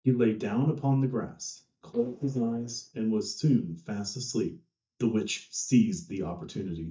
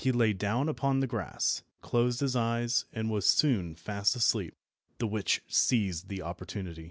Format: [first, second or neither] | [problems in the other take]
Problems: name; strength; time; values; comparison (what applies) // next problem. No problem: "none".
second | noise reduction (neural mask model DeepFilterNet 3)